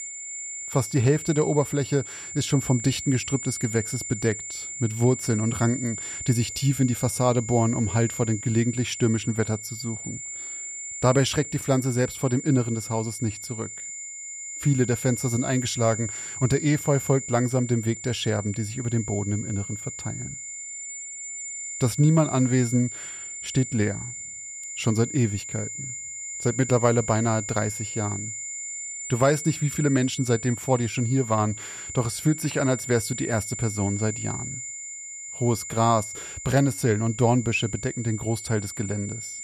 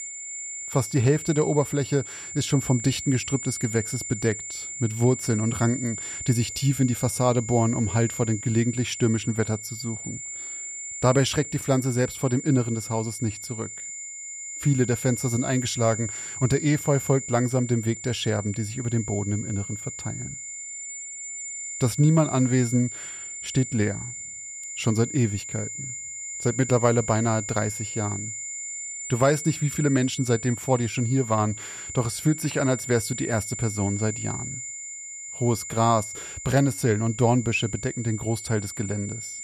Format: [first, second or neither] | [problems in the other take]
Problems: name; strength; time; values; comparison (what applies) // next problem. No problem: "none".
neither | high-pitched whine; loud; throughout; 7 kHz, 8 dB below the speech; the same in both